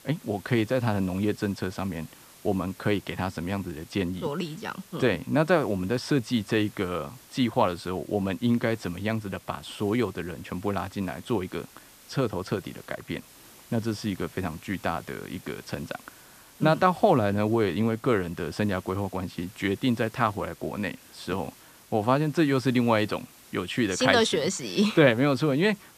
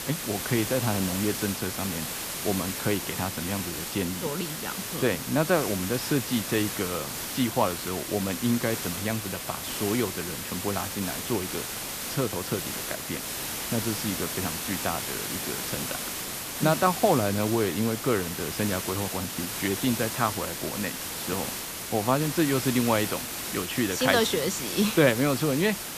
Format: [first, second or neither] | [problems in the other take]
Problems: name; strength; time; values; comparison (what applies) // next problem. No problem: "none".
first | hiss; loud; throughout; 3 dB below the speech; faint in the first